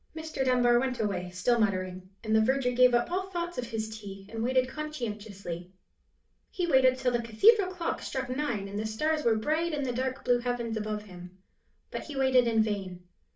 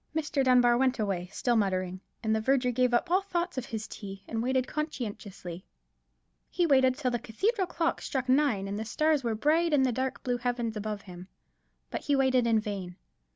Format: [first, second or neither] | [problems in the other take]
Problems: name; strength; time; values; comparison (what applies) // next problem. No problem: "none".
second | background sound (Wind instrument, woodwind instrument); 19 dB below the speech // room echo; dies away in 0.3 s